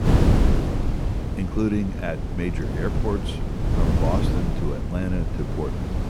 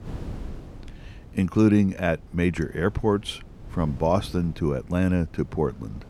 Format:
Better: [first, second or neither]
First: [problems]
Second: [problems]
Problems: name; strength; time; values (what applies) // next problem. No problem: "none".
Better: second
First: wind noise on the microphone; heavy; 1 dB below the speech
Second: wind noise on the microphone; occasional gusts; 25 dB below the speech